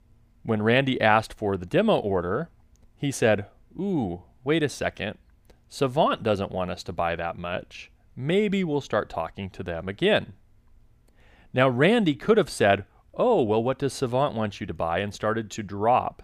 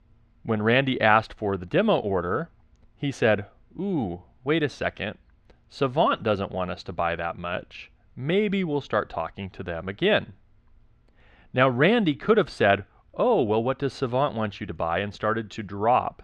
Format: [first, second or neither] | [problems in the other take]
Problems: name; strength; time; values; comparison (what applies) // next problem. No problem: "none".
first | muffled; very slightly; fading above 3.5 kHz